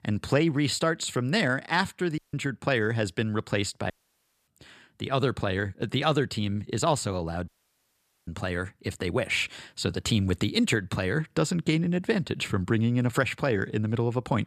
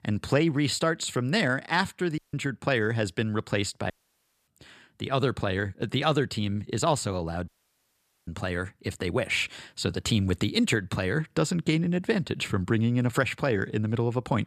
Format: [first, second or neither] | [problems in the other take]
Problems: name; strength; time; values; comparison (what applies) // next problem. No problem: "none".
neither | audio cutting out; at 2 s, at 4 s for 0.5 s and at 7.5 s for 1 s; the same in both